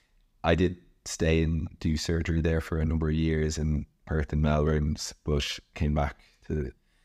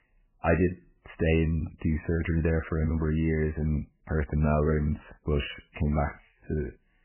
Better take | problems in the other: first | garbled, watery; badly; nothing above 3 kHz

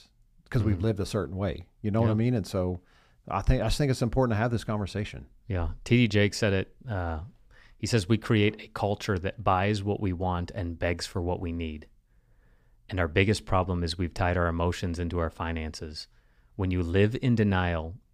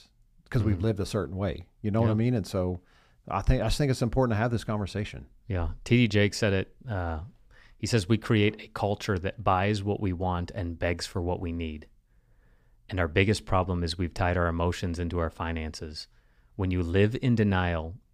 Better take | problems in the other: neither | none

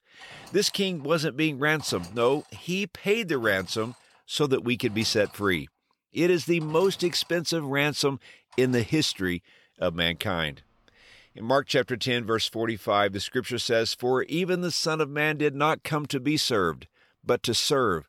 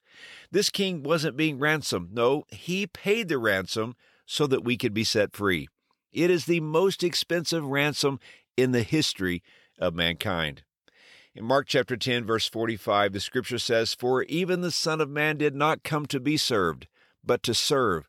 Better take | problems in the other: second | machinery noise; faint; throughout; 25 dB below the speech

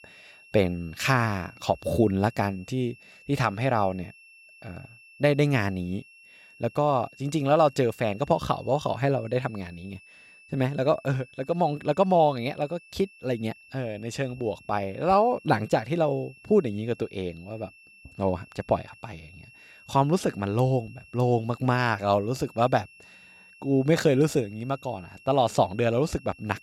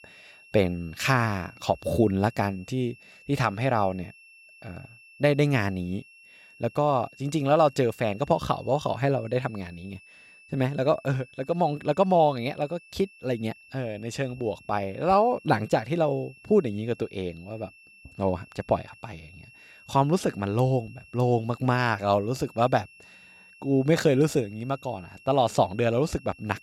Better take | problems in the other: neither | high-pitched whine; faint; throughout; 2.5 kHz, 25 dB below the speech; the same in both

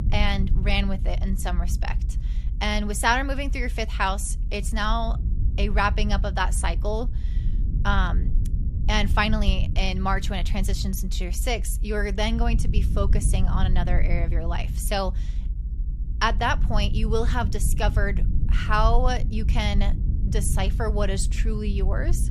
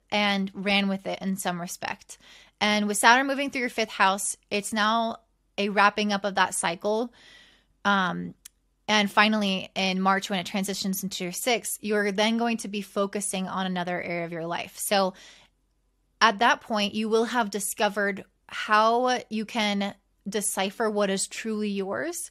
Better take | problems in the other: second | low rumble; noticeable; throughout; 15 dB below the speech

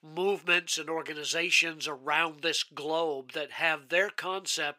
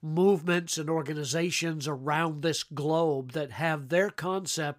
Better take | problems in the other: second | thin; very; fading below 400 Hz

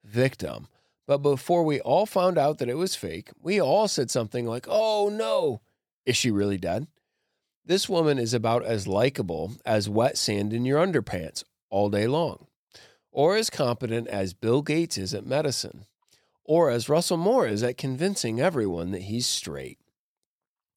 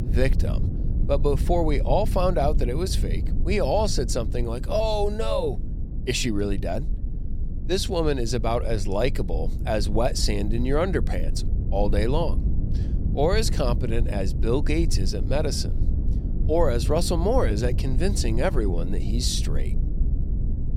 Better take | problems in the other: first | low rumble; noticeable; throughout; 15 dB below the speech

